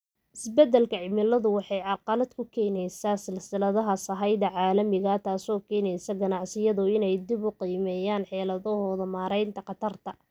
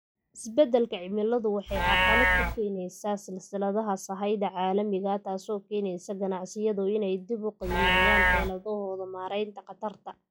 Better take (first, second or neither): first